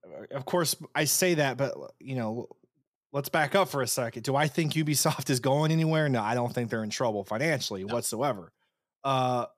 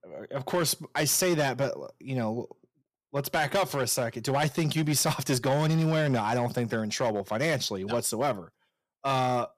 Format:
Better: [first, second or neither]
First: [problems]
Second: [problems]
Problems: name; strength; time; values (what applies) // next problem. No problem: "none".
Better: first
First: none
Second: distortion; slight; 7% of the sound clipped